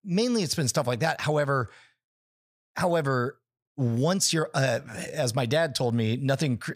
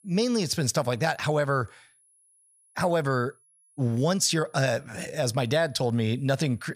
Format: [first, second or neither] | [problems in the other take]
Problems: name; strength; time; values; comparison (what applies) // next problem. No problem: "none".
first | high-pitched whine; faint; throughout; 10.5 kHz, 35 dB below the speech